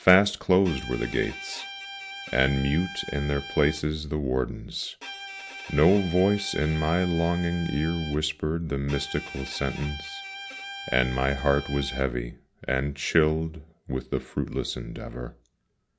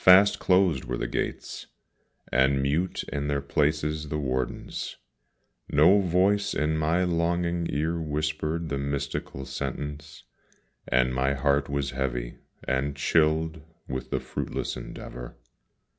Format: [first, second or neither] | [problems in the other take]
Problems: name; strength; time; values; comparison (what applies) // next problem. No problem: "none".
second | background sound (Bowed string instrument); 13 dB below the speech